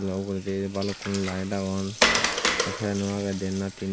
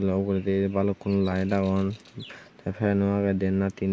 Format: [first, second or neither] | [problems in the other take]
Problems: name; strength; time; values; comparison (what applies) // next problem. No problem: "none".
second | background sound (Water); as loud as the speech